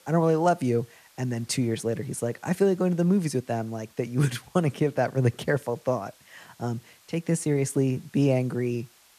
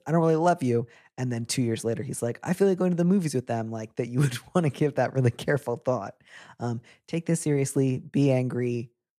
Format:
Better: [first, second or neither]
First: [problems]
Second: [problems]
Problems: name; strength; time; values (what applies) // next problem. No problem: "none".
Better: second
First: hiss; faint; throughout; 30 dB below the speech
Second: none